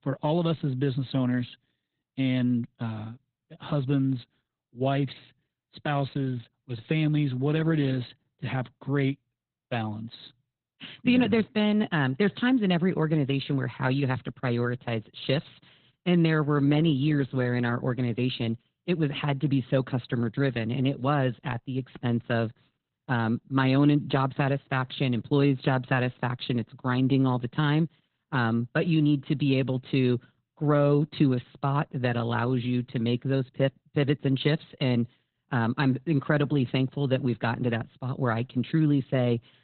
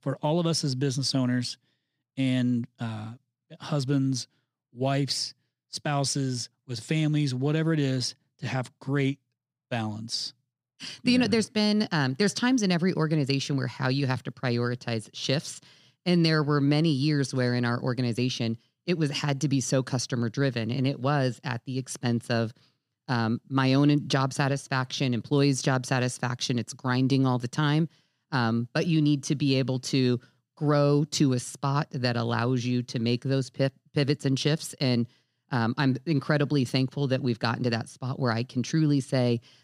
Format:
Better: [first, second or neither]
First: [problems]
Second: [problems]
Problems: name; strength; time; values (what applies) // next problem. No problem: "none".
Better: second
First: garbled, watery; badly; nothing above 4 kHz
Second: none